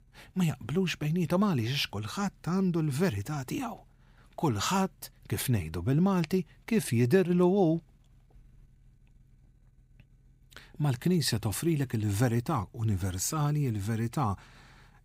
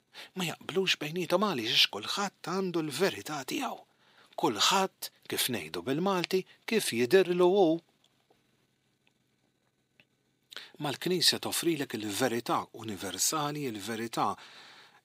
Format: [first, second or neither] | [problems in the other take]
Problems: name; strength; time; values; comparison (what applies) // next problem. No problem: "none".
first | thin; somewhat; fading below 400 Hz